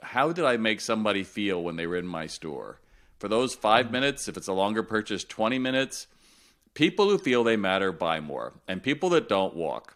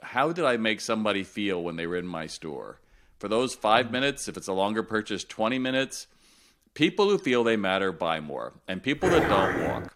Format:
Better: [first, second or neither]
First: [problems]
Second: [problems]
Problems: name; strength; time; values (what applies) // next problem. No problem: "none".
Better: first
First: none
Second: dog barking; loud; at 9 s; peak 2 dB above the speech